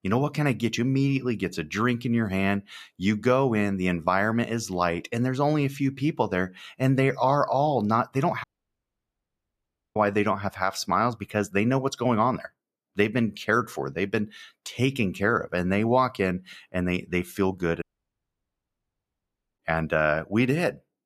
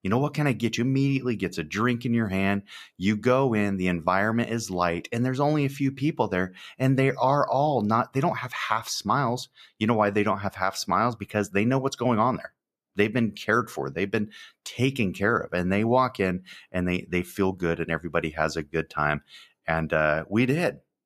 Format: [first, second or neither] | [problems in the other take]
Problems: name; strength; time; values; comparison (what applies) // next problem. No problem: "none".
second | audio cutting out; at 8.5 s for 1.5 s and at 18 s for 2 s